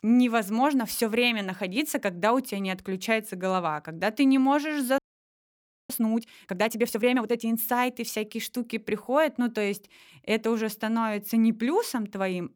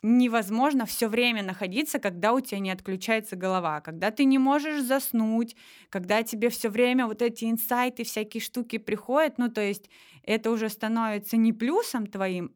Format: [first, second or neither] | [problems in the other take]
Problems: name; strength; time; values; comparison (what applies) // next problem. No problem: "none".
second | audio freezing; at 5 s for 1 s